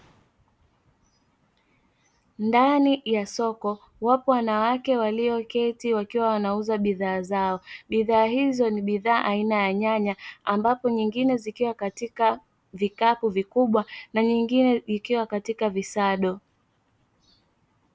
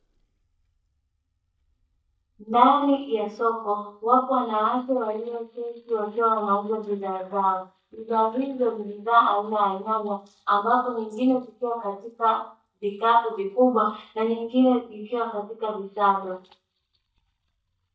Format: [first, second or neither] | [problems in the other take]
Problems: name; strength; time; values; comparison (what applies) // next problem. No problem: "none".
first | noise reduction (neural mask model DeepFilterNet 3)